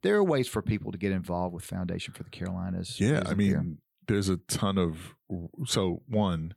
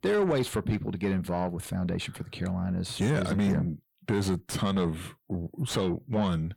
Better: first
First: none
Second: distortion; slight; 10 dB below the speech

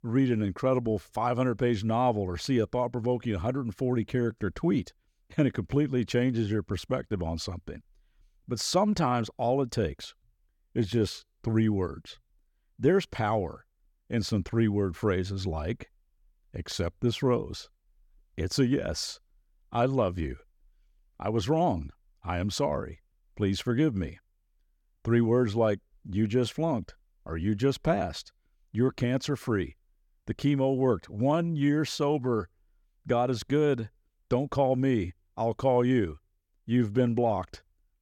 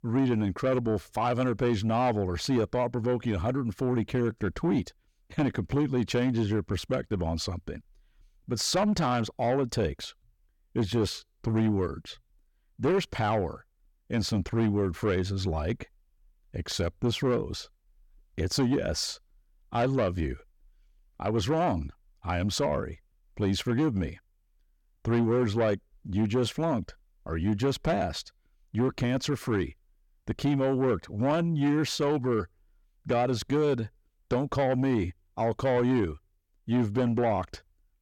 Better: first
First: none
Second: distortion; slight; 10 dB below the speech

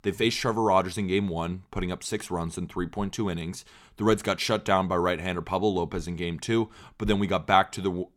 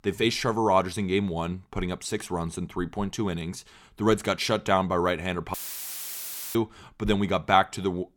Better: first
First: none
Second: audio cutting out; filled with static; at 5.5 s for 1 s

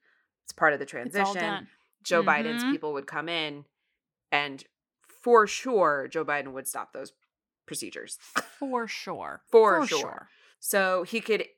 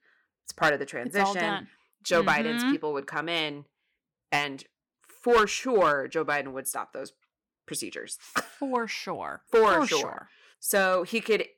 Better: first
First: none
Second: distortion; slight; 2% of the sound clipped

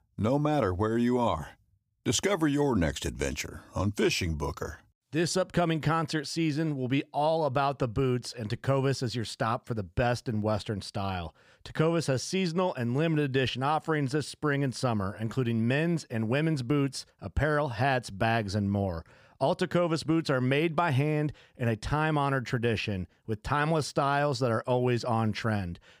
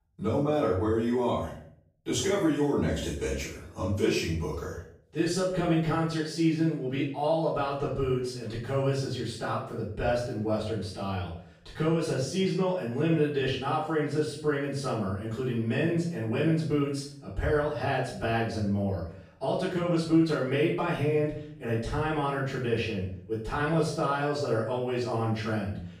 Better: first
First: none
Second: off-mic speech; far // room echo; noticeable; dies away in 0.5 s

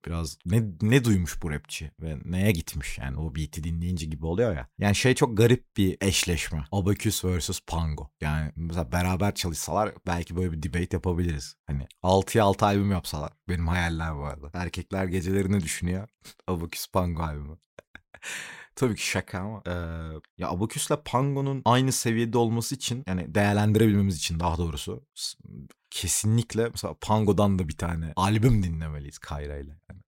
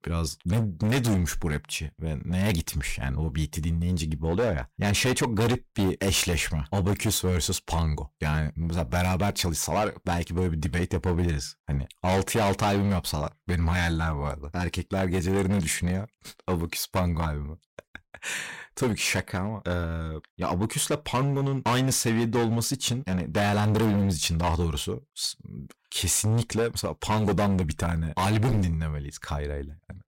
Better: first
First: none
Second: distortion; heavy; 13% of the sound clipped

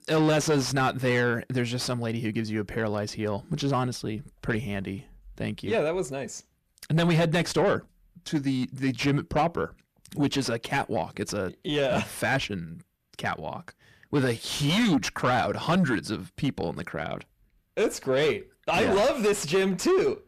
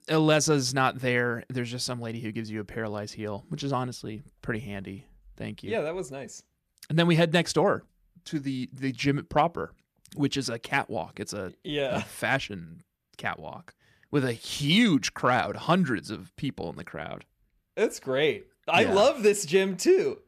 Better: second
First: distortion; heavy; 7 dB below the speech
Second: none

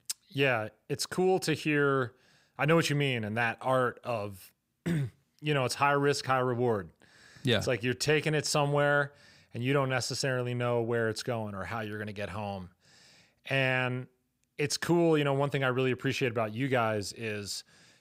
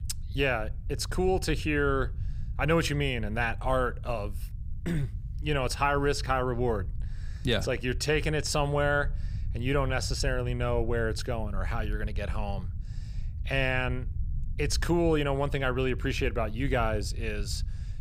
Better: first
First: none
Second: low rumble; faint; throughout; 25 dB below the speech

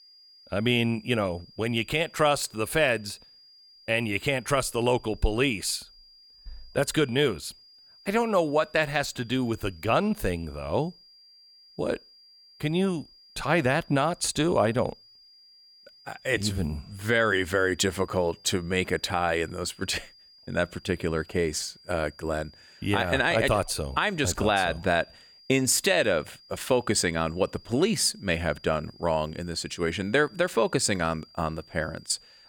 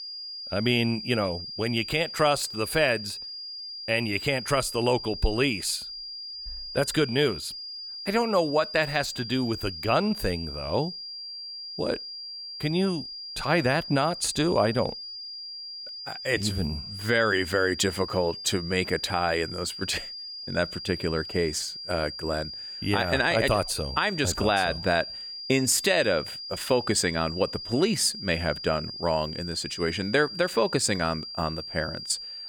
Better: first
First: high-pitched whine; faint; throughout; 5 kHz, 25 dB below the speech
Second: high-pitched whine; loud; throughout; 5 kHz, 9 dB below the speech

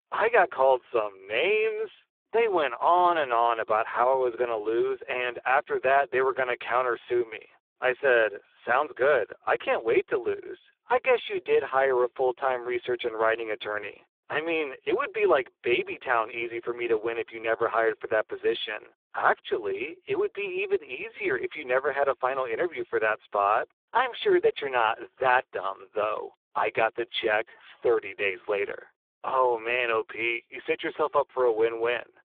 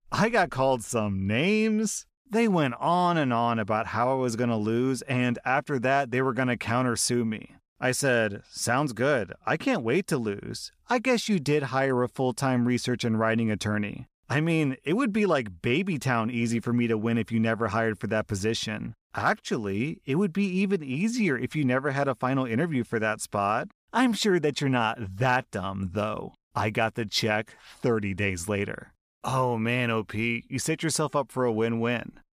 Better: second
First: phone-call audio; poor line; nothing above 3.5 kHz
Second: none

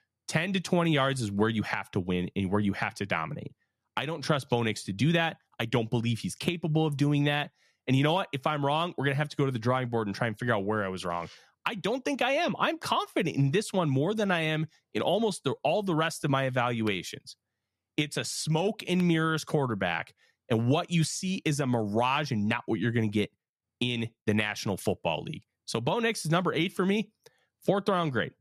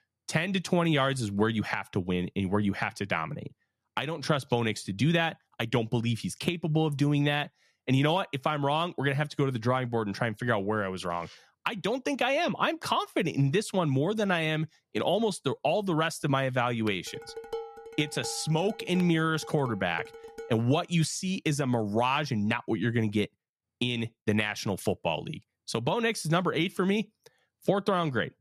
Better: first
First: none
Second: clattering dishes; noticeable; from 17 to 21 s; peak 10 dB below the speech

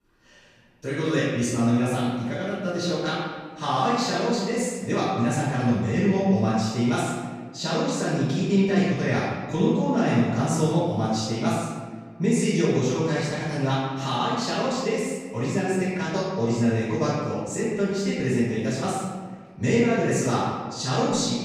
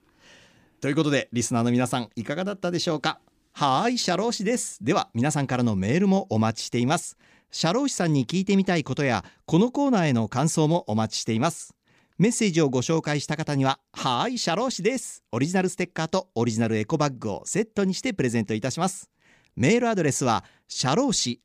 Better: second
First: off-mic speech; far // room echo; strong; dies away in 1.3 s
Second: none

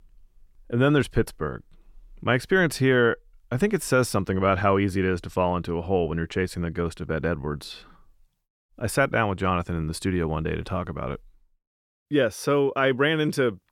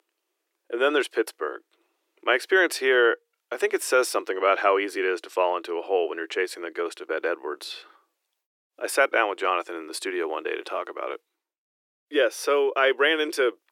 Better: first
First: none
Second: thin; very; fading below 350 Hz

